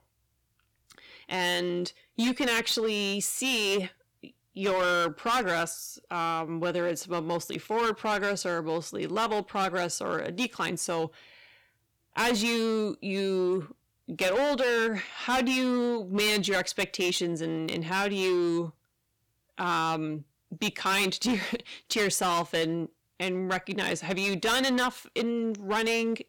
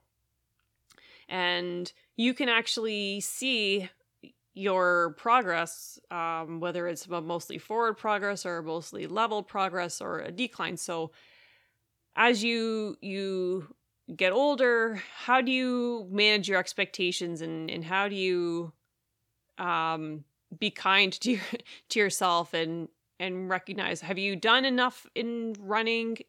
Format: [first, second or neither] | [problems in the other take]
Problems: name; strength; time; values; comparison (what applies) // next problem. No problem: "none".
second | distortion; heavy; 12% of the sound clipped